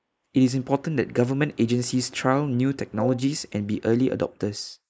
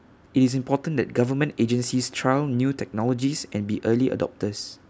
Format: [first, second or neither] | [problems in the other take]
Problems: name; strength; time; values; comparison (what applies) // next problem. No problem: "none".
second | noise reduction (neural mask model Resemble Enhance denoiser)